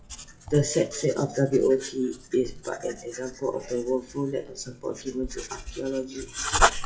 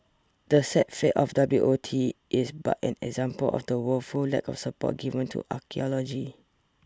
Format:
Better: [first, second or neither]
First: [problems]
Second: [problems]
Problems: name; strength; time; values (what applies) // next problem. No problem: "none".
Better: second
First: noise reduction (classical method WPE with log-MMSE)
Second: none